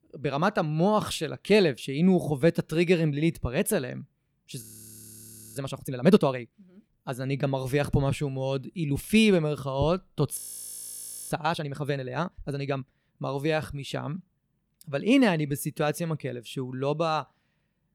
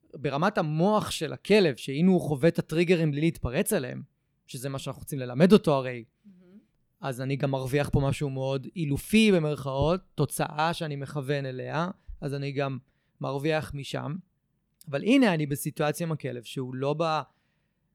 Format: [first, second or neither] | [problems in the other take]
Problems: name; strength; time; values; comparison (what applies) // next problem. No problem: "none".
second | audio freezing; at 4.5 s for 1 s and at 10 s for 1 s